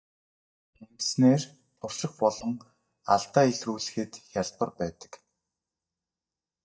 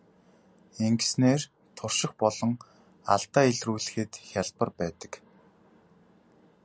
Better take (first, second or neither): second